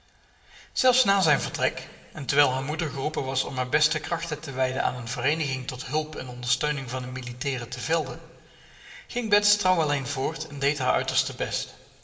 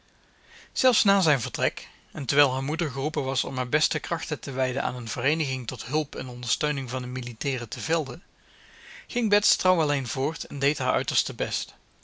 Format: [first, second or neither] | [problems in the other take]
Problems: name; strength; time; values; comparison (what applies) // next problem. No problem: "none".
second | room echo; dies away in 1.9 s